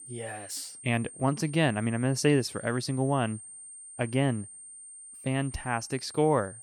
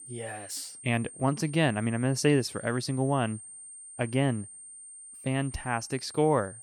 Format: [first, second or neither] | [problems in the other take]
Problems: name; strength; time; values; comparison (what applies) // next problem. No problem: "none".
neither | high-pitched whine; noticeable; throughout; 8.5 kHz, 15 dB below the speech; the same in both